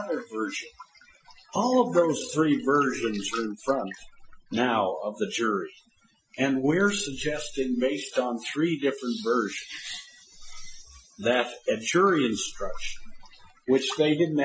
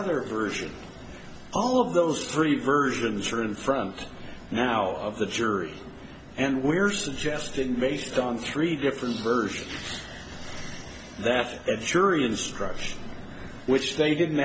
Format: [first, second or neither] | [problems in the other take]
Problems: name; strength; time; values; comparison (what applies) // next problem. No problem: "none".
second | noise reduction (classical method Wiener filter)